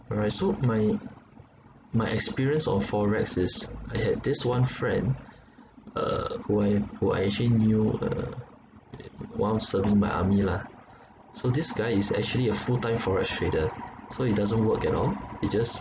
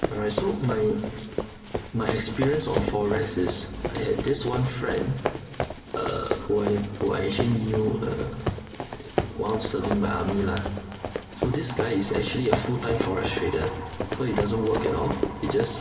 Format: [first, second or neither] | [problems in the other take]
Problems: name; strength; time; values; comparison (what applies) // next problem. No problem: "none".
first | background sound (Run); 5 dB below the speech // room echo; dies away in 2 s